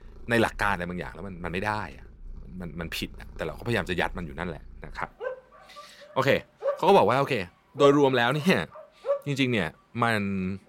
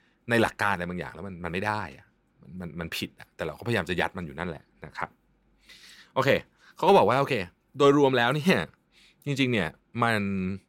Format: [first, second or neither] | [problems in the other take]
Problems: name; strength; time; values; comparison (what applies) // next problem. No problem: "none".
second | animal sounds; noticeable; throughout; 10 dB below the speech